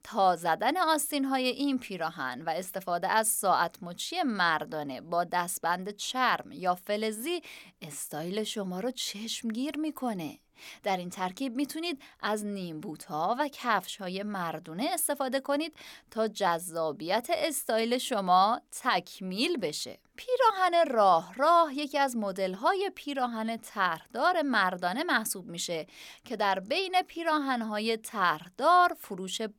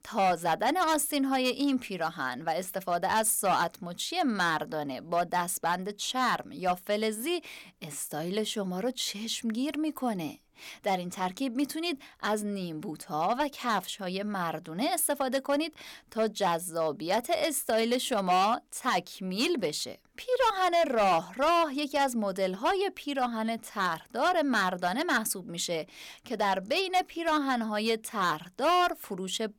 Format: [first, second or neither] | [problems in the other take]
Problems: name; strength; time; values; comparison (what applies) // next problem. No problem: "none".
first | distortion; slight; 4% of the sound clipped